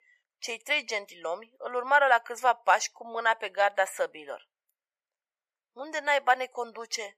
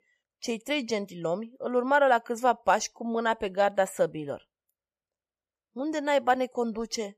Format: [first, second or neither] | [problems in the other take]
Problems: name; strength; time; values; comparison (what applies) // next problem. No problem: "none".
second | thin; very; fading below 800 Hz